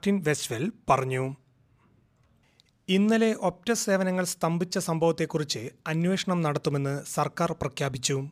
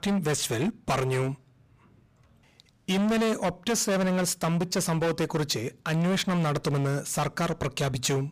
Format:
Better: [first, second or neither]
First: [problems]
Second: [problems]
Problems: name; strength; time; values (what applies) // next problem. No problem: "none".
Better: first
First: none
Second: distortion; heavy; 20% of the sound clipped